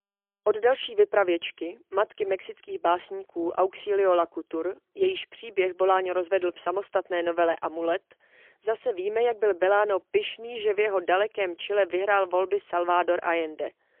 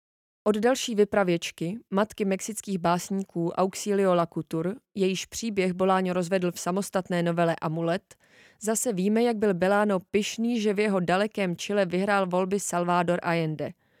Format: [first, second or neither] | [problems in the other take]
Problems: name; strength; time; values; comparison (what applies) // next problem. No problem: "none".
second | phone-call audio; poor line; nothing above 3 kHz